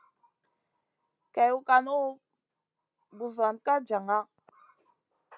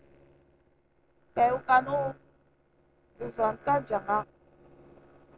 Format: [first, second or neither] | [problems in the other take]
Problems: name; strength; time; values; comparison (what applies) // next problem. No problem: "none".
first | noise reduction (neural separator model SepFormer DNS4)